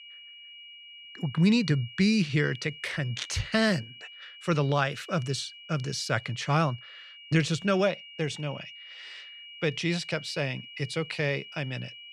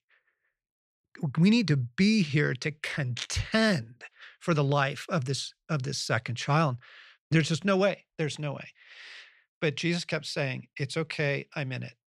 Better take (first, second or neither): second